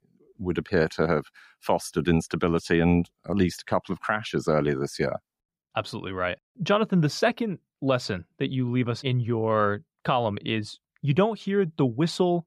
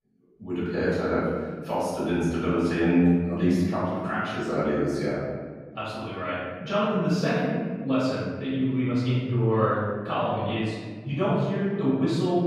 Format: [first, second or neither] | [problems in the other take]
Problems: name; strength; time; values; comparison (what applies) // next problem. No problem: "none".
first | room echo; strong; dies away in 1.5 s // off-mic speech; far